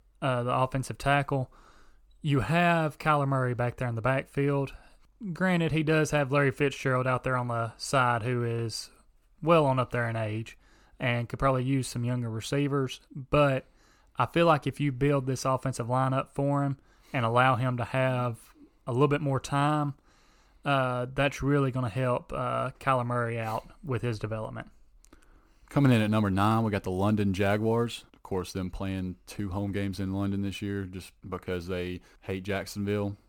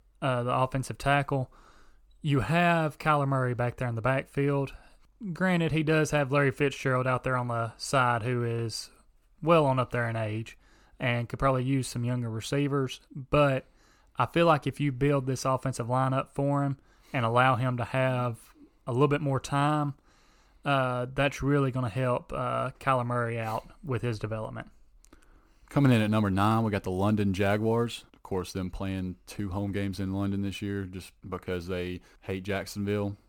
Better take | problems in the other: neither | none

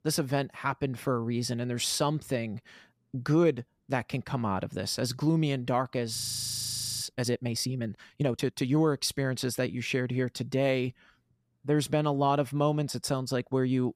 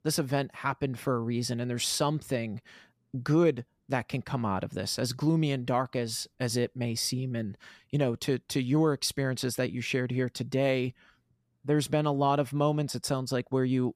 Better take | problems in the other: second | audio freezing; at 6 s for 1 s

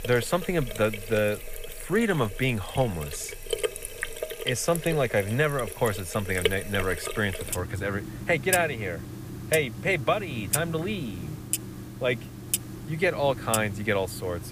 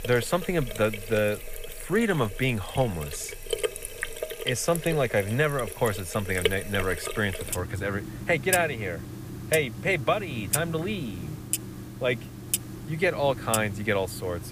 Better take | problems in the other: neither | household noises; loud; throughout; 7 dB below the speech; the same in both

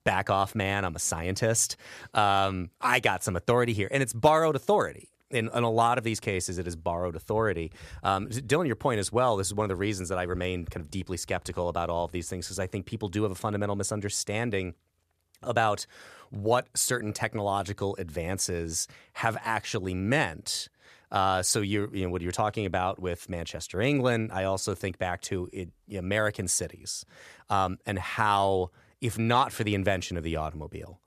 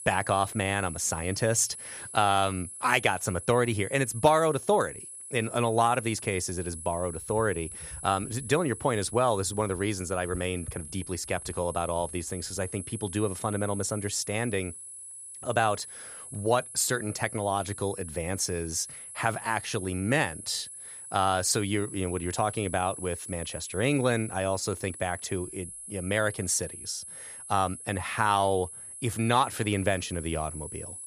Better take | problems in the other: first | high-pitched whine; noticeable; throughout; 10.5 kHz, 10 dB below the speech

